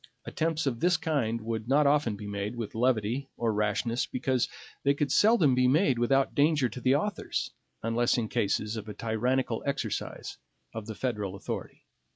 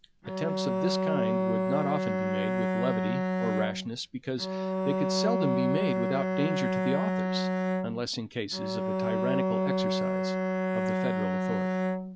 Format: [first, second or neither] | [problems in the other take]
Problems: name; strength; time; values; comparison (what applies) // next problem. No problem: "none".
first | background sound (Bowed string instrument); 5 dB above the speech